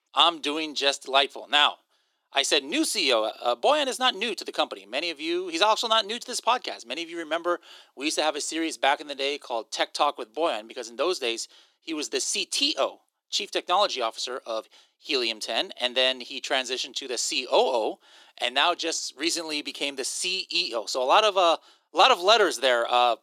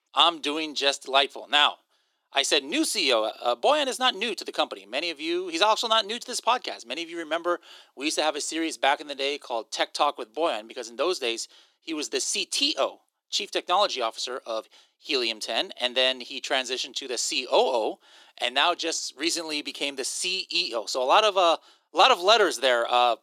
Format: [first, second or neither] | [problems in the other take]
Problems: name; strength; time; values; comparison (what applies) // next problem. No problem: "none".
neither | thin; very; fading below 350 Hz; the same in both